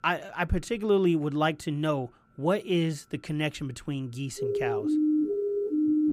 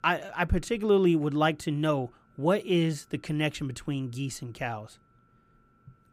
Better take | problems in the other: second | siren; loud; from 4.5 s on; peak 4 dB above the speech

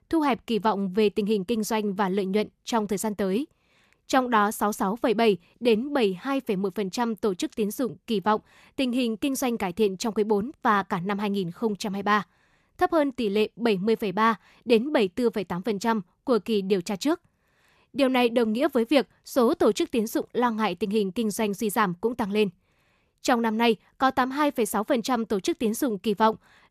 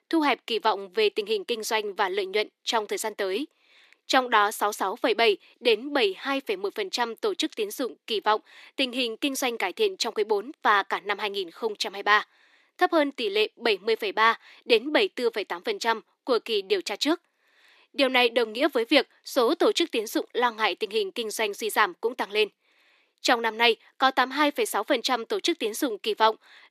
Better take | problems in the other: first | thin; somewhat; fading below 300 Hz

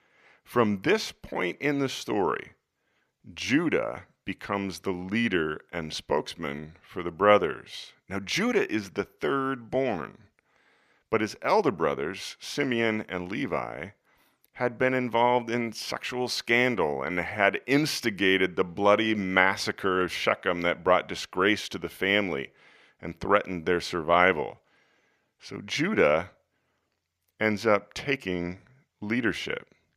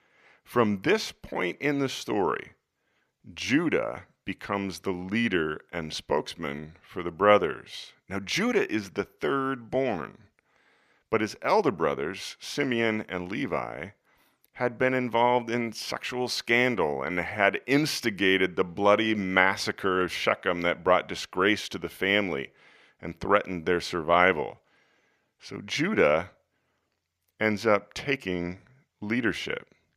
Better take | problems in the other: neither | none

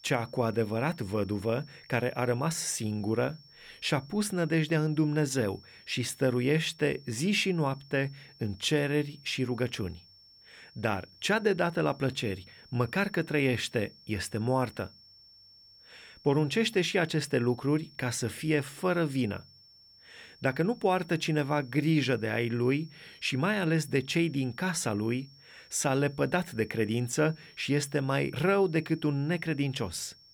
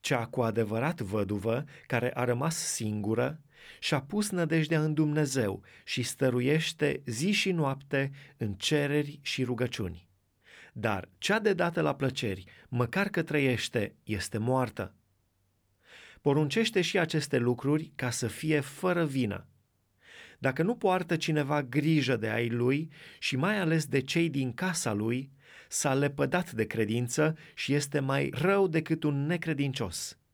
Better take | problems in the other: second | high-pitched whine; faint; throughout; 5.5 kHz, 25 dB below the speech

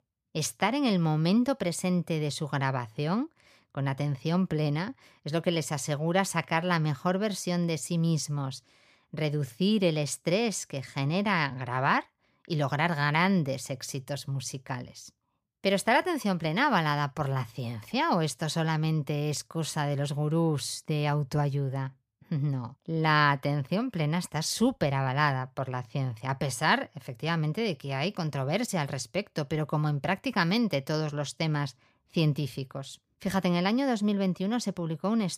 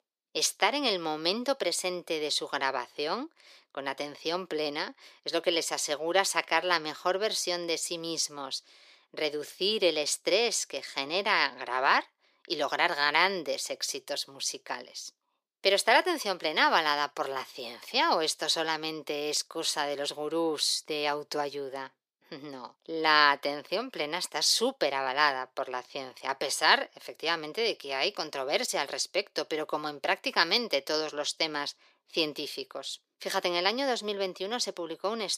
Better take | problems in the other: first | thin; very; fading below 350 Hz

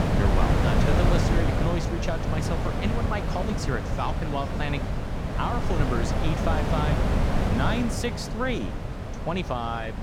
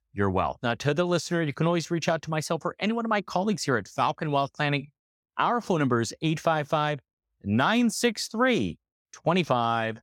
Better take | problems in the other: second | wind noise on the microphone; heavy; as loud as the speech

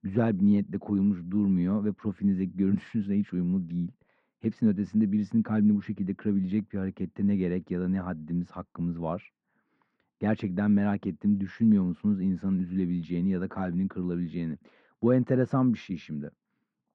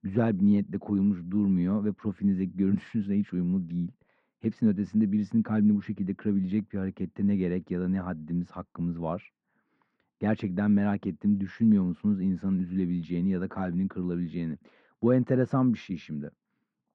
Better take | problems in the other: neither | muffled; very; fading above 1.5 kHz; the same in both

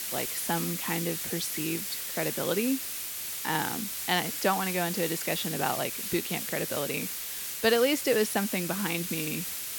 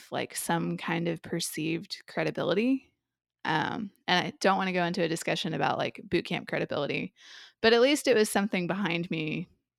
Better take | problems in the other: second | hiss; loud; throughout; 2 dB below the speech

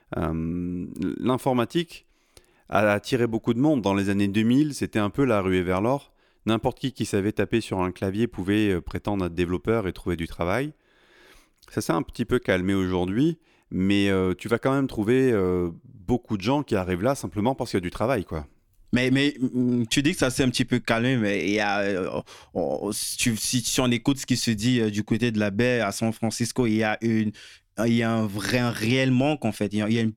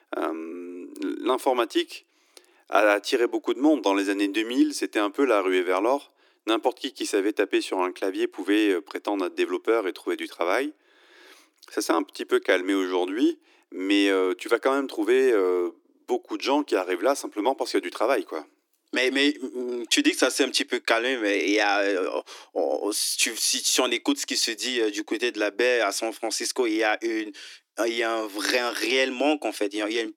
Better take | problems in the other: first | thin; somewhat; fading below 300 Hz

